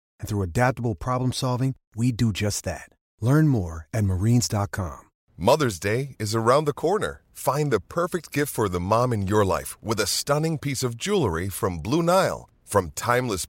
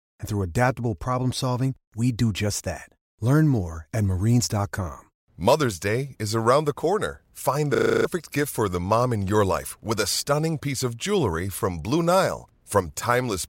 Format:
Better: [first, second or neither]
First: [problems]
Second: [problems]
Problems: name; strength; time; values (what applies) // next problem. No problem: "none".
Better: first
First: none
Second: audio freezing; at 8 s